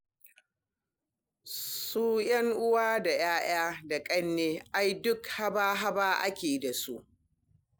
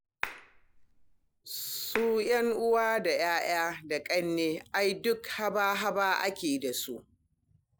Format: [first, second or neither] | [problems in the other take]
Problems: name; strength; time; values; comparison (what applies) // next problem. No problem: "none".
first | background sound (Clapping); 13 dB below the speech